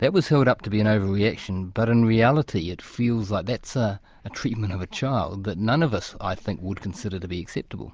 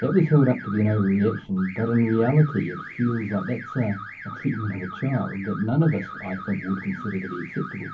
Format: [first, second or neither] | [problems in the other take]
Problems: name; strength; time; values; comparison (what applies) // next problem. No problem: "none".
first | background sound (Alarm / Car); 14 dB below the speech // room echo; dies away in 0.3 s